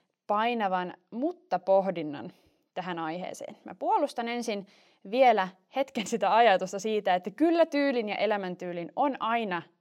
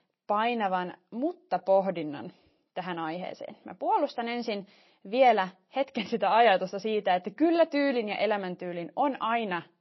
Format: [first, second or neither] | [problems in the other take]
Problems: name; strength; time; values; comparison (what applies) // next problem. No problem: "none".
first | garbled, watery; slightly; nothing above 5.5 kHz